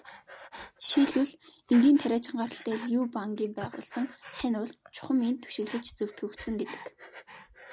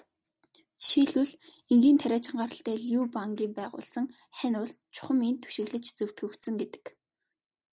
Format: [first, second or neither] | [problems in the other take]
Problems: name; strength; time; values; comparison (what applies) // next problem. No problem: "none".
second | background sound (Breathing); 17 dB below the speech